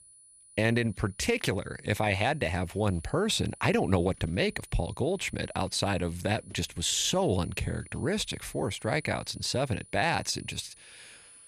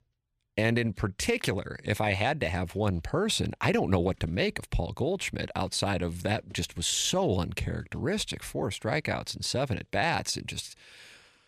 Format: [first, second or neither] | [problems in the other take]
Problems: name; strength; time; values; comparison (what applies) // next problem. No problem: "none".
second | high-pitched whine; faint; throughout; 9.5 kHz, 20 dB below the speech